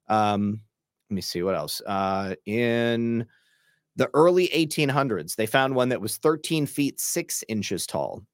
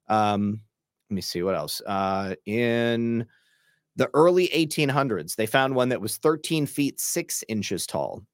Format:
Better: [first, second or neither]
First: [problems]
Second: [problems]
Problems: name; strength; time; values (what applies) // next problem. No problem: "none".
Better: neither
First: none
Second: none